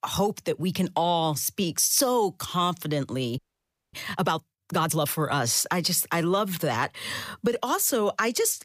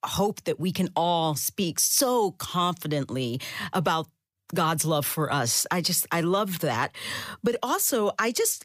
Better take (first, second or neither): second